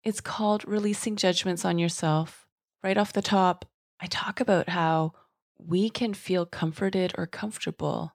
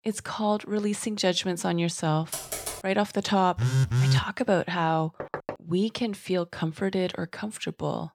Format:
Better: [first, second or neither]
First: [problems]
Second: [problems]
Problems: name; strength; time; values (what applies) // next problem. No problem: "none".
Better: first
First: none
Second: keyboard typing; noticeable; at 2.5 s; peak 5 dB below the speech // phone ringing; loud; at 3.5 s; peak 5 dB above the speech // door banging; noticeable; at 5 s; peak 8 dB below the speech